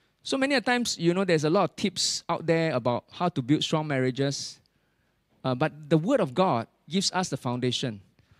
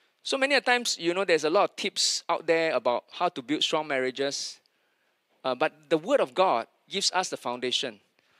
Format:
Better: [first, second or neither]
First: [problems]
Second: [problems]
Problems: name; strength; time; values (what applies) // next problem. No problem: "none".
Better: first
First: none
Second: thin; somewhat; fading below 450 Hz